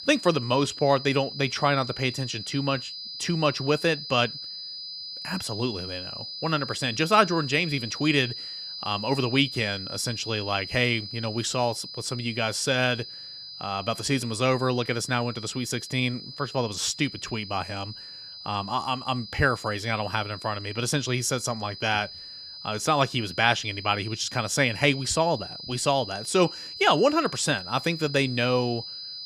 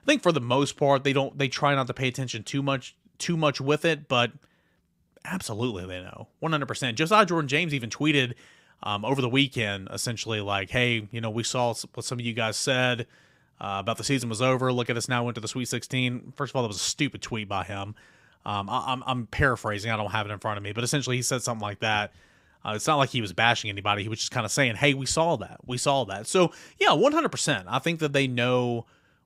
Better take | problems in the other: second | high-pitched whine; loud; throughout; 5 kHz, 10 dB below the speech

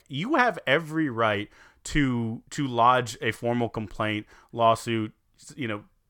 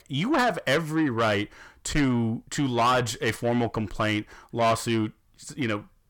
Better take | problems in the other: first | distortion; heavy; 8 dB below the speech

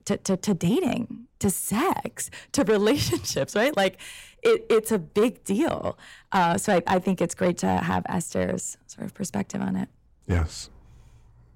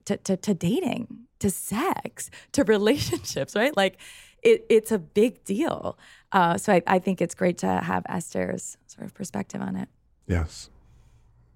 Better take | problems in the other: second | distortion; slight; 10 dB below the speech

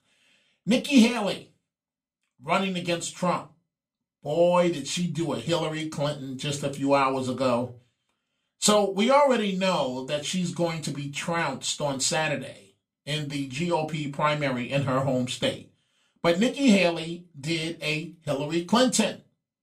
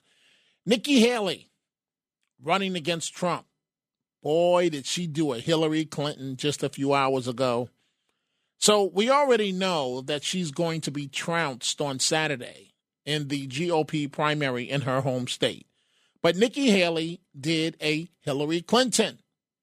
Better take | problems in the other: second | off-mic speech; somewhat distant // room echo; very slight; dies away in 0.2 s

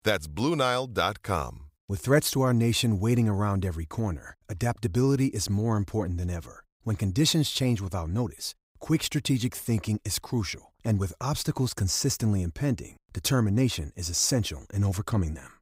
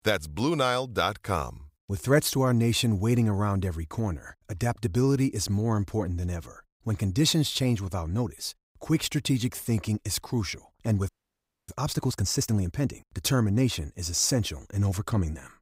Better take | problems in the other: first | audio freezing; at 11 s for 0.5 s

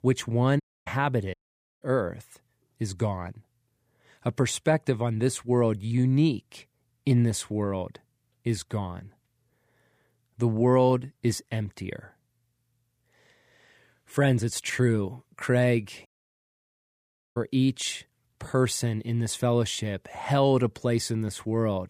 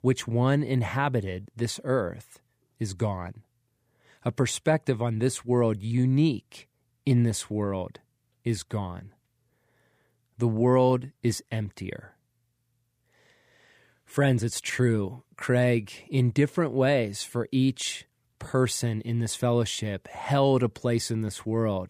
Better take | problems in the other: second | audio cutting out; at 0.5 s, at 1.5 s and at 16 s for 1.5 s

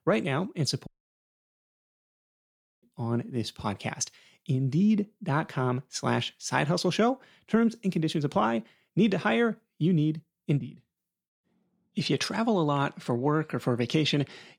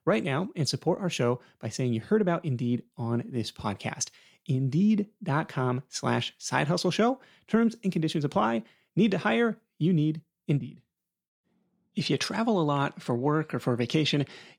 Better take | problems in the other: second | audio cutting out; at 1 s for 2 s

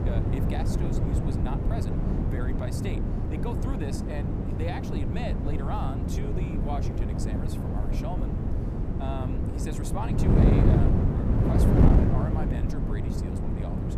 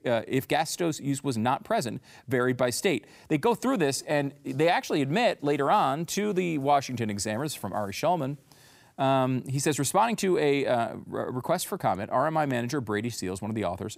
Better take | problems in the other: second | wind noise on the microphone; heavy; 4 dB above the speech

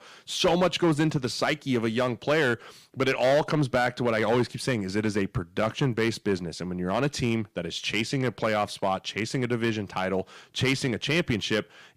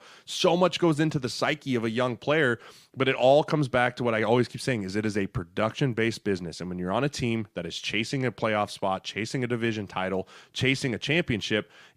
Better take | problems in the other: second | distortion; slight; 4% of the sound clipped

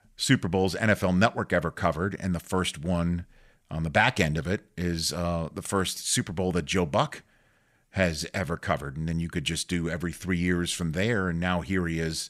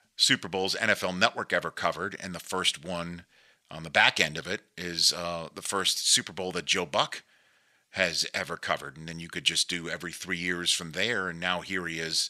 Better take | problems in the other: first | thin; somewhat; fading below 1 kHz

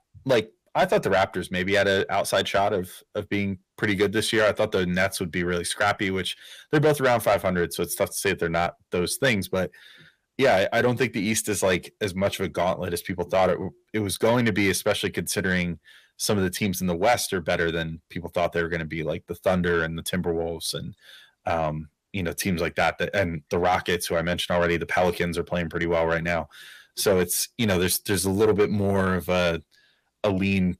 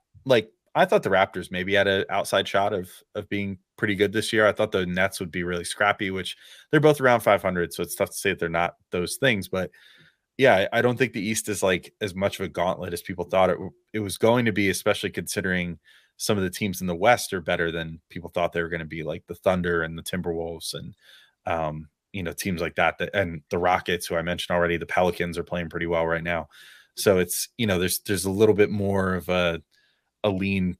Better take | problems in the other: second | distortion; slight; 10 dB below the speech

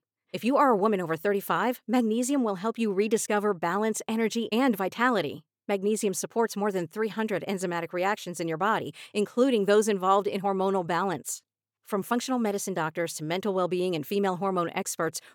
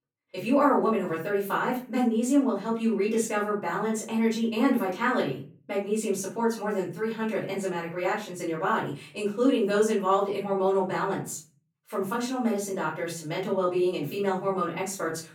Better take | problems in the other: first | off-mic speech; far // room echo; slight; dies away in 0.3 s

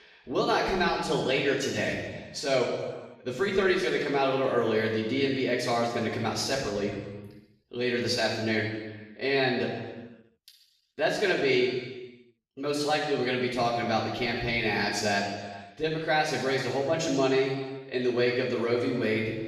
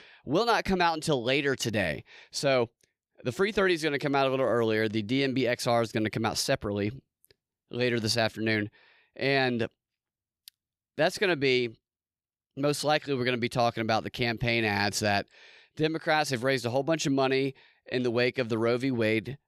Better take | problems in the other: second | room echo; noticeable; dies away in 1.2 s // off-mic speech; far

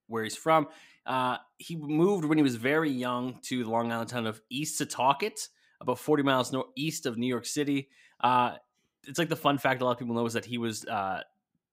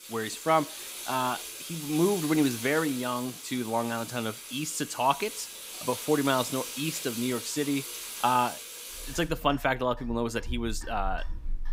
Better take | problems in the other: first | household noises; loud; throughout; 8 dB below the speech

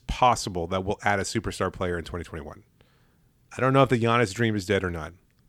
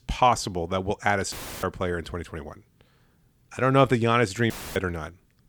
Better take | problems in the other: first | audio cutting out; filled with static; at 1.5 s and at 4.5 s

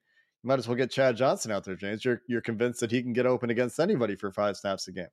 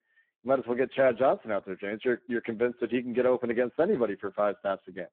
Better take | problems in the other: first | phone-call audio; poor line

